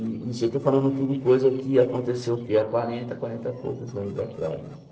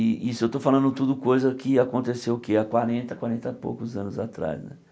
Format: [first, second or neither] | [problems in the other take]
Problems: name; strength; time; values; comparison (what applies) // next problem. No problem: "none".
second | noise reduction (neural separator model SepFormer DNS4)